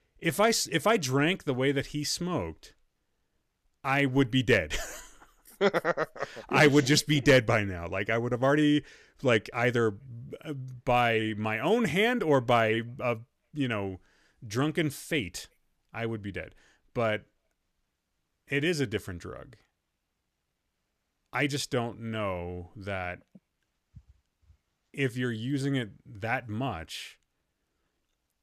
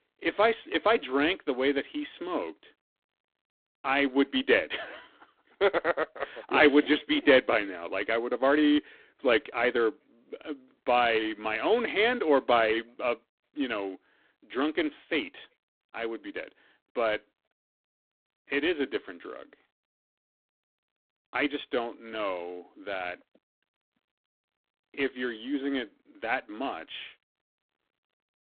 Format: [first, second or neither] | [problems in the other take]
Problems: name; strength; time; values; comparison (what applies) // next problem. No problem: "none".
first | phone-call audio; poor line